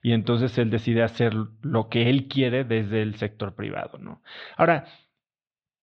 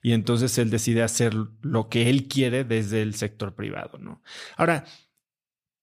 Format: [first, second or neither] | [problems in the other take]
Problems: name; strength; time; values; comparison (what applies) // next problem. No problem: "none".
second | muffled; very; fading above 3.5 kHz